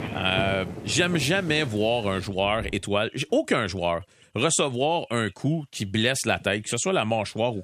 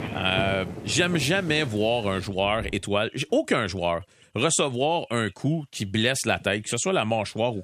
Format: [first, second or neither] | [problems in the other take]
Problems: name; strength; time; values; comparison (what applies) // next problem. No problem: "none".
neither | rain or running water; noticeable; until 2.5 s; 10 dB below the speech; the same in both